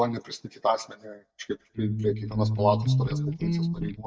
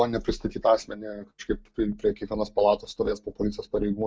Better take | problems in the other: second | noise reduction (neural mask model DeepFilterNet 3)

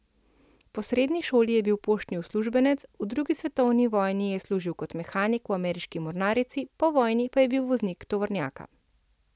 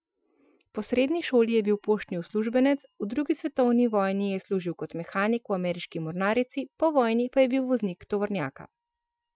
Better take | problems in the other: first | noise reduction (classical method Wiener filter)

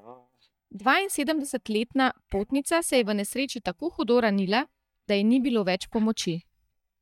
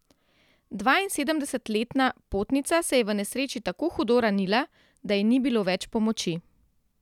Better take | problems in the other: second | noise reduction (neural mask model DeepFilterNet 3)

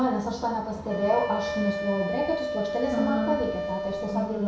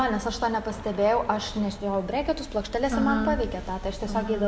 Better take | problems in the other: second | background sound (Wind instrument, woodwind instrument); 5 dB below the speech // room echo; dies away in 0.6 s

